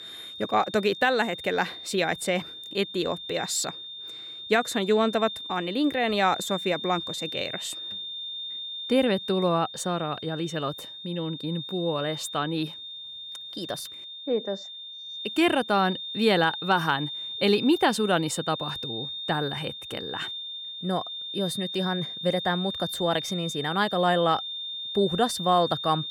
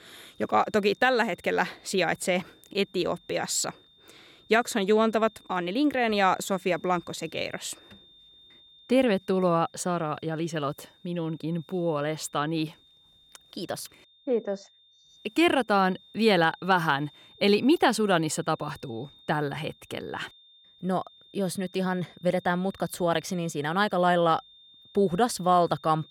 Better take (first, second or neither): second